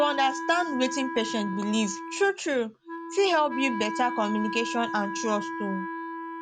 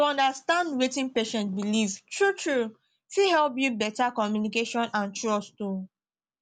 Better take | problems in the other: second | background sound (Wind instrument, woodwind instrument); 7 dB below the speech

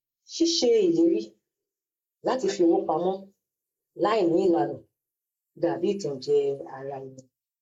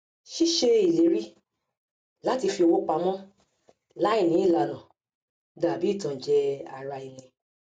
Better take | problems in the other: second | noise reduction (neural mask model Resemble Enhance denoiser)

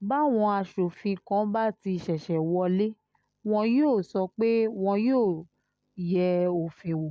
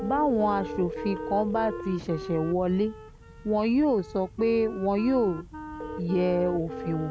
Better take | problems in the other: first | background sound (Wind instrument, woodwind instrument + Telephone); 10 dB below the speech

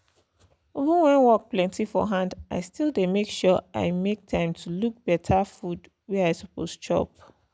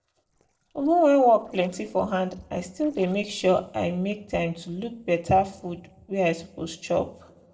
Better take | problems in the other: first | noise reduction (neural separator model SepFormer DNS4)

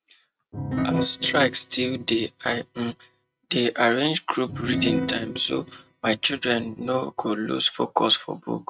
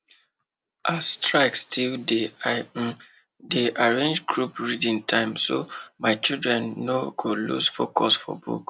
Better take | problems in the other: second | noise reduction (neural mask model RNNoise)

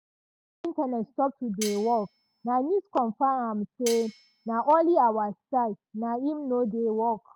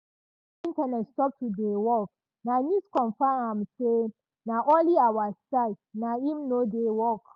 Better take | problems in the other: second | background sound (Cutlery, silverware); 14 dB below the speech

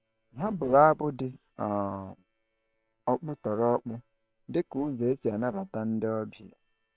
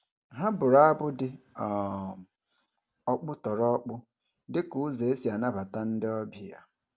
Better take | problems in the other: second | noise reduction (neural separator model SepFormer WHAM!)

